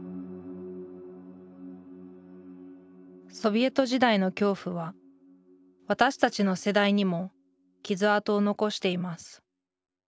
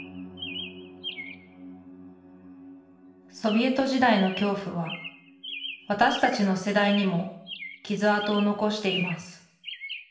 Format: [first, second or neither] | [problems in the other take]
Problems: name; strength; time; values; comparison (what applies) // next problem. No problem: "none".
first | background sound (Chirp, tweet); 13 dB below the speech // room echo; dies away in 0.7 s